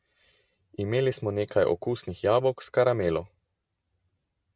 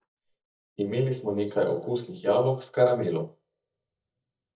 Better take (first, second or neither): first